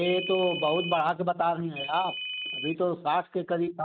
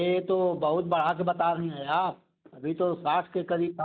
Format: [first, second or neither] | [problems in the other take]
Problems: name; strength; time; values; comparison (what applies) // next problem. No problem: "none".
second | noise reduction (neural mask model RNNoise)